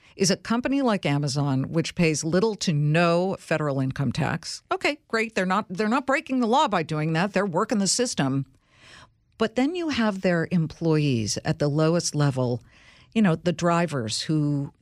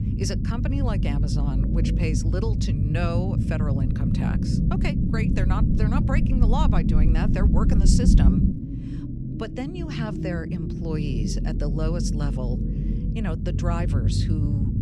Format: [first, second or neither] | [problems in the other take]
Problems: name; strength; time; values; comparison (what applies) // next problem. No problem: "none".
first | low rumble; loud; throughout; 1 dB below the speech